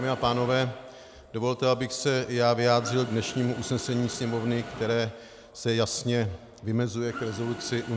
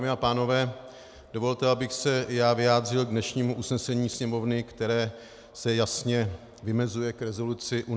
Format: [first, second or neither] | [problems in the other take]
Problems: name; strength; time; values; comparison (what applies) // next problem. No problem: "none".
second | background sound (Mechanisms); 16 dB below the speech